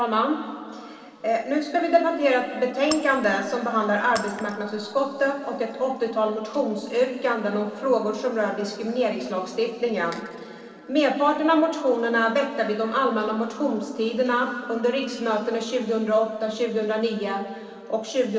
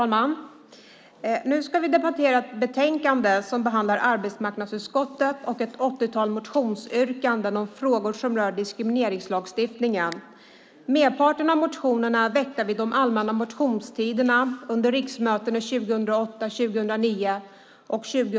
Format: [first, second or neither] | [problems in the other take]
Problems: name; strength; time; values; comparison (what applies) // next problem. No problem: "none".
second | background sound (Shatter); 16 dB below the speech // room echo; dies away in 2.4 s